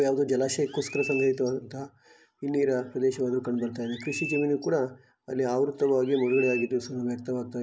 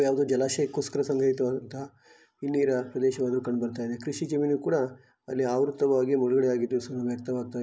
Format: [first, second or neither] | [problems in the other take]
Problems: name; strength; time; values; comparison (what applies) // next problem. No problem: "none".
second | background sound (Chirp, tweet); 12 dB below the speech